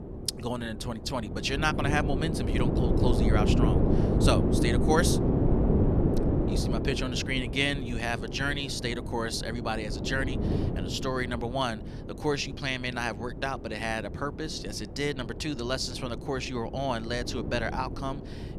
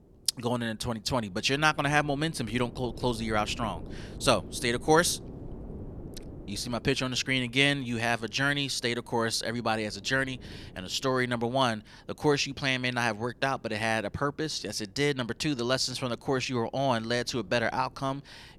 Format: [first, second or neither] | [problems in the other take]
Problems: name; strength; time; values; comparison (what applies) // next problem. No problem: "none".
second | wind noise on the microphone; heavy; 4 dB below the speech; occasional gusts in the second